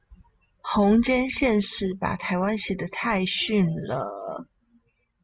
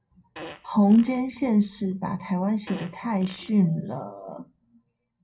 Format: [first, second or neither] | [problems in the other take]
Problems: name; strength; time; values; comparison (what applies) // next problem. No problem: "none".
first | background sound (Fart); 18 dB below the speech // room echo; dies away in 0.2 s